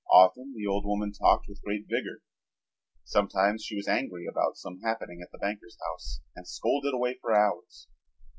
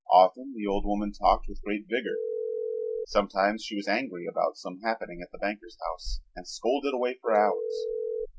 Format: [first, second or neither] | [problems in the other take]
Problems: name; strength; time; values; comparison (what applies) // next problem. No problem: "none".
first | background sound (Telephone); 3 dB below the speech